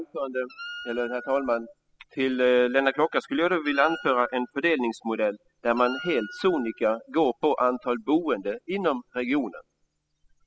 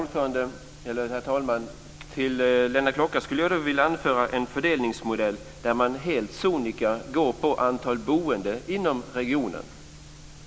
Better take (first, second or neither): second